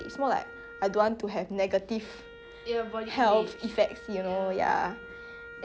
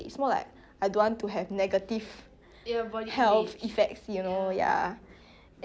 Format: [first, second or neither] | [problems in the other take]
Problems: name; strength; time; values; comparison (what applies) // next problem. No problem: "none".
second | background sound (Wind instrument, woodwind instrument); 17 dB below the speech